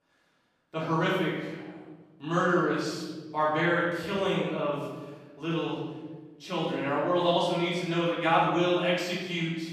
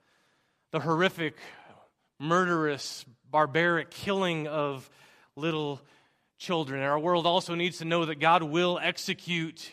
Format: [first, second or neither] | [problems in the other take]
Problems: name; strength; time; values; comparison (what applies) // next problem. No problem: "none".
second | off-mic speech; far // room echo; noticeable; dies away in 1.2 s